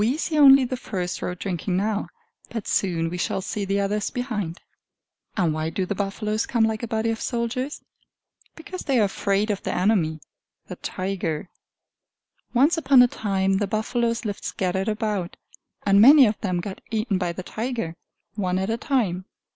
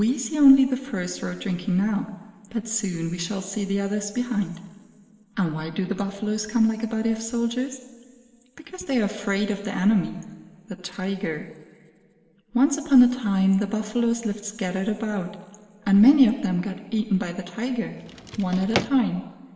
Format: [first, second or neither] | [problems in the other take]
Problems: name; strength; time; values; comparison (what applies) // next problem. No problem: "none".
first | background sound (Drawer open or close); 8 dB below the speech // room echo; dies away in 3 s